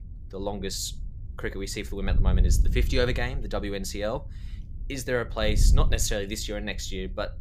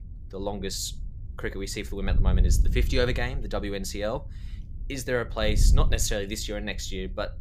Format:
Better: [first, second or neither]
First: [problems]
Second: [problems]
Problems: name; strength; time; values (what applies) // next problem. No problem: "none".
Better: neither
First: wind noise on the microphone; occasional gusts; 15 dB below the speech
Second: wind noise on the microphone; occasional gusts; 15 dB below the speech